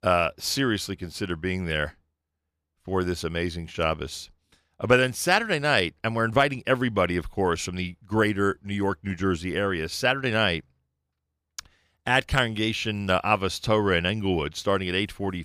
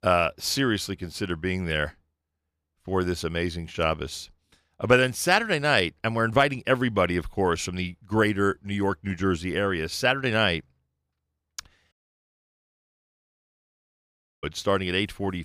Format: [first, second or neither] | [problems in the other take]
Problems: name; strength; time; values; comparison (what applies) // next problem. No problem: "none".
first | audio cutting out; at 12 s for 2.5 s